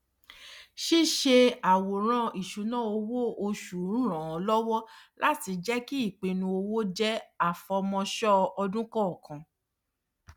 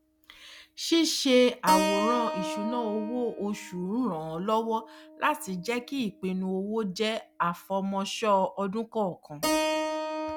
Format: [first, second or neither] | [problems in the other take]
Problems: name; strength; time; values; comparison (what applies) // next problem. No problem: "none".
first | background sound (Keyboard (musical)); 6 dB below the speech